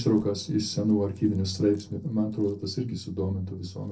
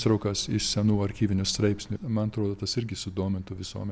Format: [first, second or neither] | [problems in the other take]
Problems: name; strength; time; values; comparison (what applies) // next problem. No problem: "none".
second | noise reduction (neural separator model SepFormer DNS4)